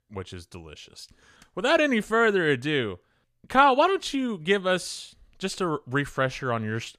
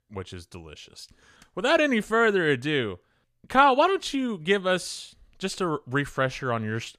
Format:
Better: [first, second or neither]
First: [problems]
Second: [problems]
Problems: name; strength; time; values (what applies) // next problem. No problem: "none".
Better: neither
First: none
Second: none